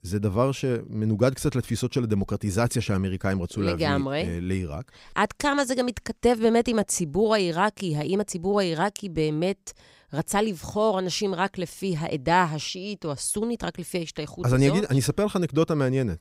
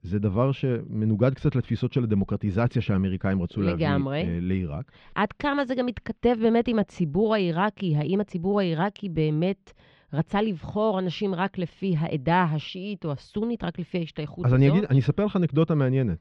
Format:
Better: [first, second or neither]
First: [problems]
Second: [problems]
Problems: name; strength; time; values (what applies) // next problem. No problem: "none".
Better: first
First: none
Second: muffled; slightly; fading above 3.5 kHz